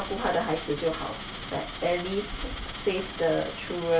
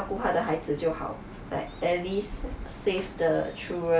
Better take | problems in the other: second | background sound (Coin (dropping)); 11 dB below the speech

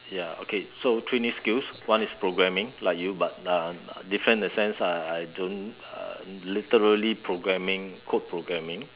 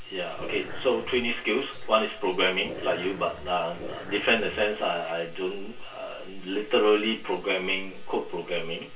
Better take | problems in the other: first | background sound (Growling); 13 dB below the speech // room echo; dies away in 0.3 s

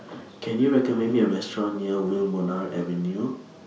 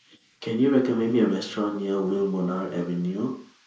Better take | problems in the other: first | noise reduction (neural mask model Resemble Enhance denoiser)

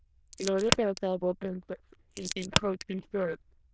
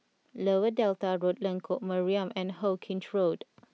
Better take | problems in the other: second | noise reduction (neural diffusion model UNIVERSE++)

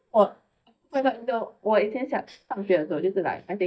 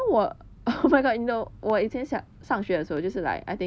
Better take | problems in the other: second | noise reduction (neural mask model DeepFilterNet 3)

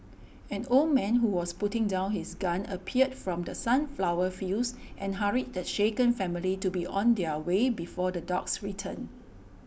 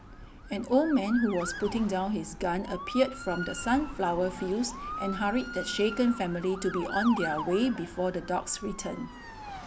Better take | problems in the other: first | background sound (Motor vehicle (road) / Siren); 11 dB below the speech

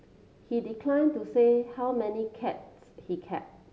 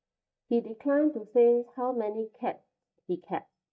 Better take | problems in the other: first | noise reduction (neural mask model DeepFilterNet 3)

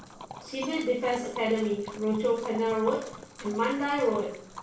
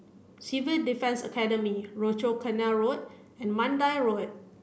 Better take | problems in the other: second | background sound (Liquid); 14 dB below the speech // room echo; dies away in 0.4 s

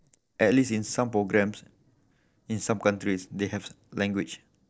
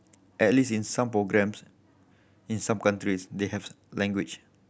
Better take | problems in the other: second | noise reduction (neural separator model SepFormer DNS4)

